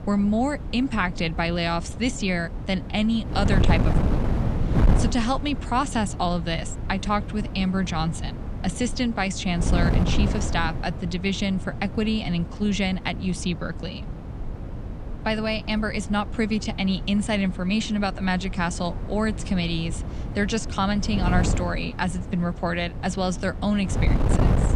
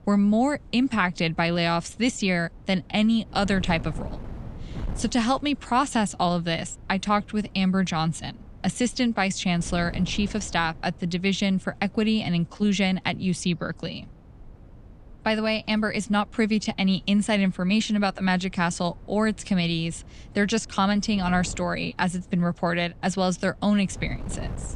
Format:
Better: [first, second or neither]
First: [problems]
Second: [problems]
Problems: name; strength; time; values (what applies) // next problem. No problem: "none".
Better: second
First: wind noise on the microphone; heavy; 10 dB below the speech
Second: wind noise on the microphone; occasional gusts; 25 dB below the speech